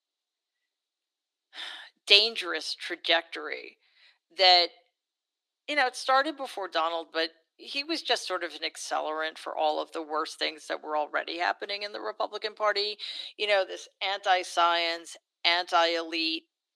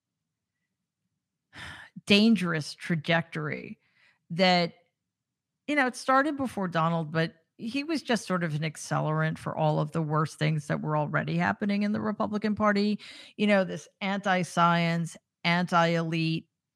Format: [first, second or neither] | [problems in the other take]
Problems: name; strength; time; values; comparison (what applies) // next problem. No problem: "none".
second | thin; very; fading below 350 Hz